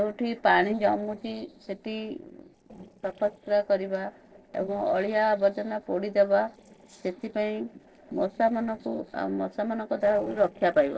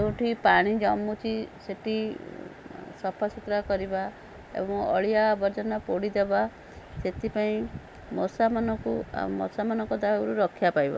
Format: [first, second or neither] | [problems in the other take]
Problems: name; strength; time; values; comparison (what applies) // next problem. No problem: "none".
second | noise reduction (neural separator model SepFormer DNS4)